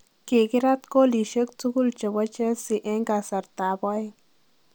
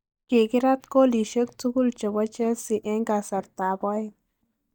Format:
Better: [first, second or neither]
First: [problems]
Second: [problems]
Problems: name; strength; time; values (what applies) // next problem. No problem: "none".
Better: first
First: none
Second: noise reduction (neural mask model DeepFilterNet 3)